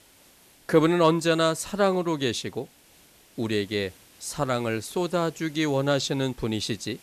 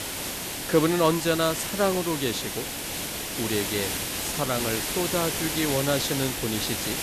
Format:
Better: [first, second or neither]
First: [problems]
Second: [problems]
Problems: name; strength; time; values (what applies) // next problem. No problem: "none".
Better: first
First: hiss; faint; throughout; 25 dB below the speech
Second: hiss; loud; throughout; 2 dB below the speech